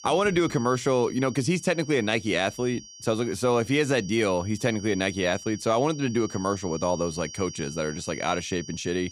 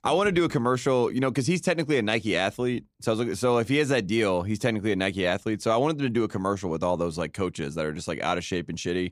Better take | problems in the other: second | high-pitched whine; noticeable; throughout; 5.5 kHz, 15 dB below the speech

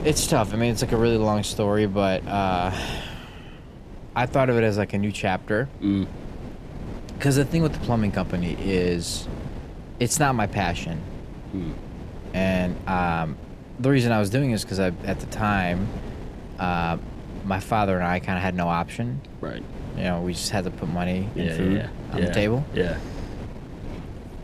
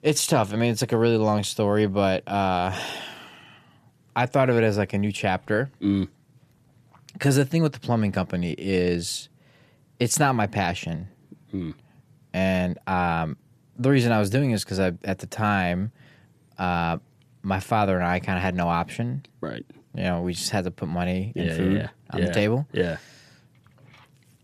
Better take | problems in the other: second | wind noise on the microphone; occasional gusts; 15 dB below the speech

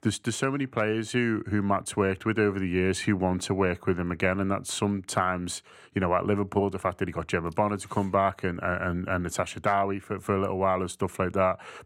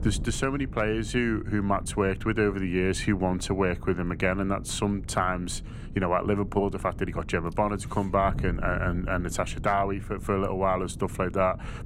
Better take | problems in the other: first | wind noise on the microphone; occasional gusts; 20 dB below the speech

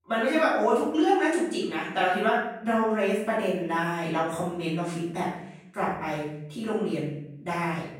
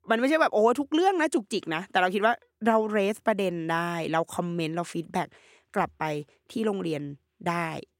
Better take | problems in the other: second | room echo; noticeable; dies away in 0.7 s // off-mic speech; far

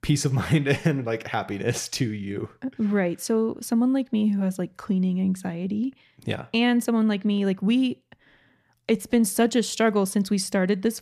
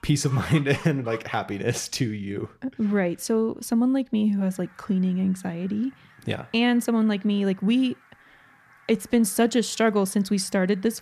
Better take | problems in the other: first | animal sounds; faint; throughout; 25 dB below the speech

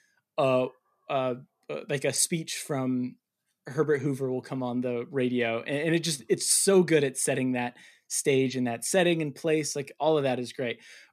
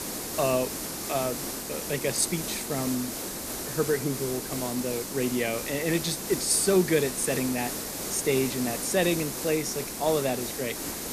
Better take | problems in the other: first | hiss; loud; throughout; 4 dB below the speech

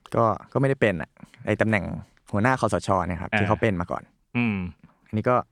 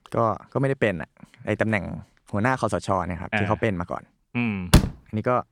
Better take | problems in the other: first | door banging; loud; at 4.5 s; peak 6 dB above the speech

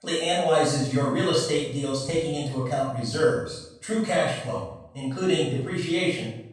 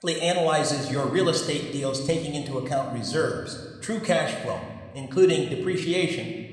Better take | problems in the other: second | room echo; strong; dies away in 0.6 s; slight in the second // off-mic speech; far

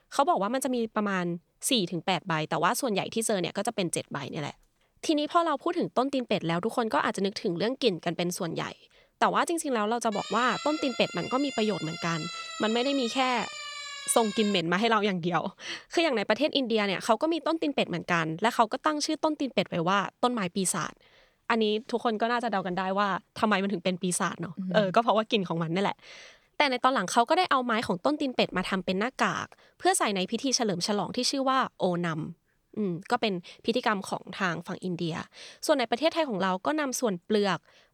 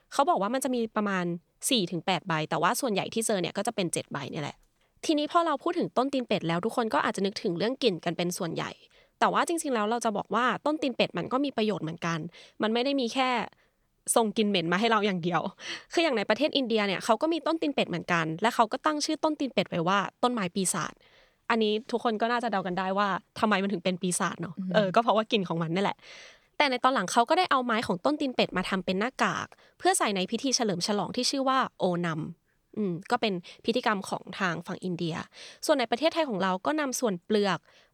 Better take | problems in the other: second | siren; noticeable; from 10 to 15 s; peak 8 dB below the speech

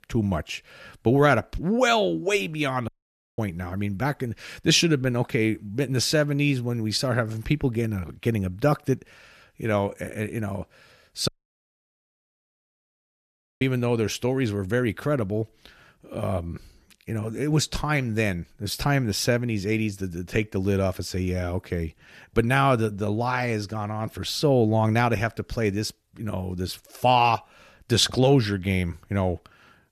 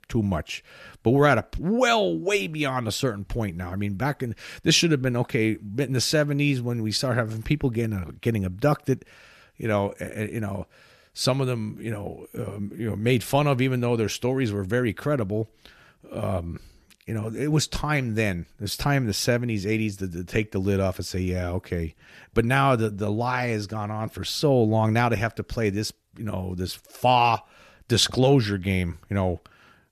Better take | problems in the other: second | audio cutting out; at 3 s for 0.5 s and at 11 s for 2.5 s

